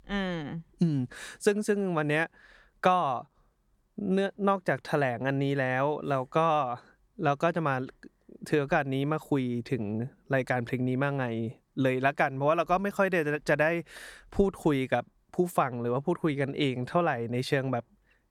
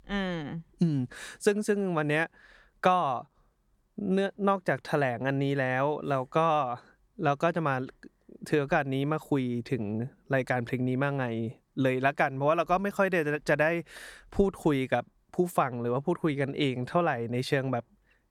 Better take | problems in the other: neither | none

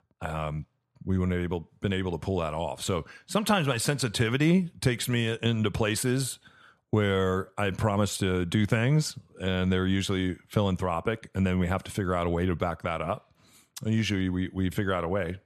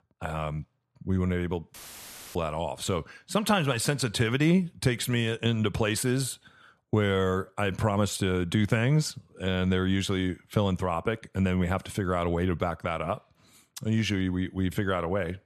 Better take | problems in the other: first | audio cutting out; filled with static; at 1.5 s for 0.5 s

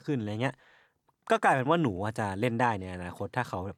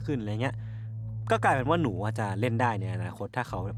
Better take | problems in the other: first | low rumble; faint; throughout; 20 dB below the speech

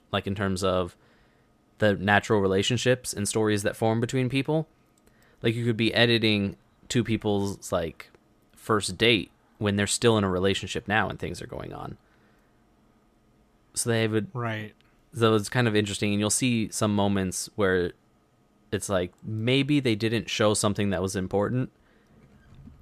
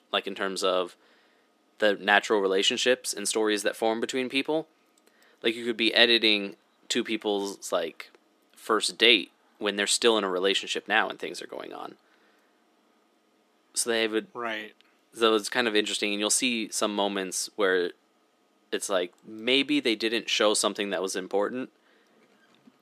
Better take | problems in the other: first | thin; somewhat; fading below 250 Hz

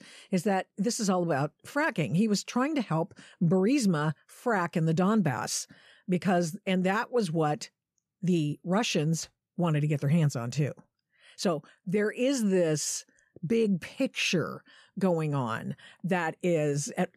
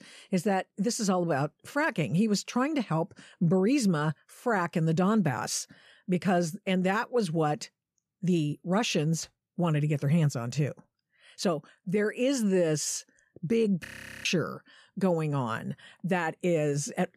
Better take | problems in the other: first | audio freezing; at 14 s

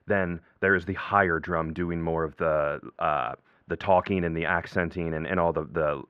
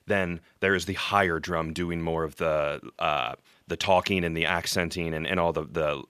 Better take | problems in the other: second | muffled; very; fading above 3.5 kHz

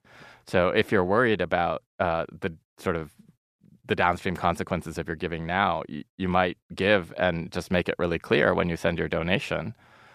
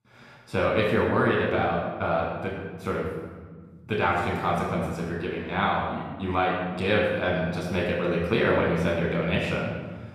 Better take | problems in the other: first | off-mic speech; far // room echo; noticeable; dies away in 1.4 s

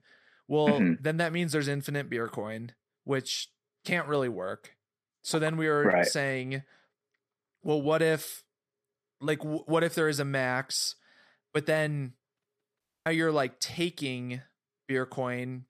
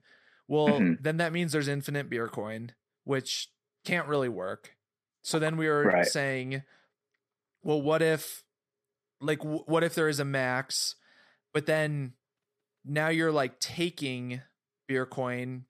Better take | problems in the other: second | audio cutting out; at 13 s

